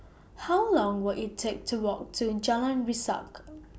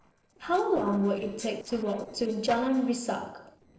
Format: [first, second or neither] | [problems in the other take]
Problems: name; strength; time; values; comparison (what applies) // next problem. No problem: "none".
first | noise reduction (neural separator model SepFormer DNS4)